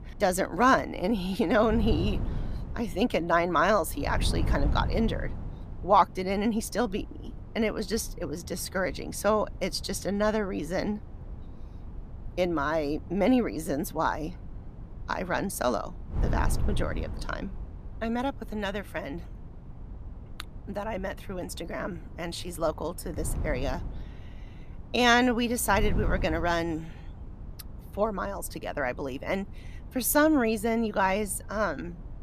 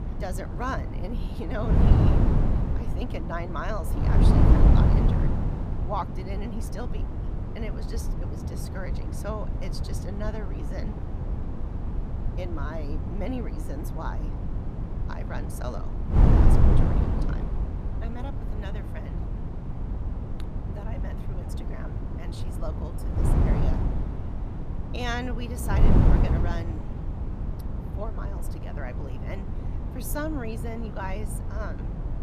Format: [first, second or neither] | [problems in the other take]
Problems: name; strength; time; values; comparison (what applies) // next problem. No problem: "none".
first | wind noise on the microphone; heavy; as loud as the speech; occasional gusts in the first